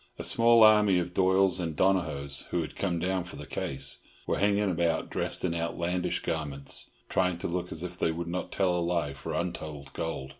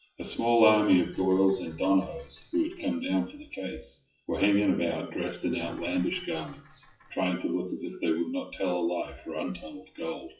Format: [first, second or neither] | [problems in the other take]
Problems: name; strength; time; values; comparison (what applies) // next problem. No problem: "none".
first | noise reduction (classical method WPE with log-MMSE)